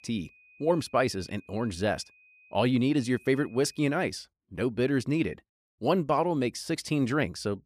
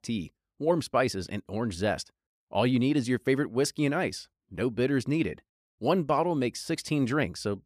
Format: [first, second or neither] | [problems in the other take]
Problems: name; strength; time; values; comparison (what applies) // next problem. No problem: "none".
second | high-pitched whine; faint; until 4 s; 2.5 kHz, 25 dB below the speech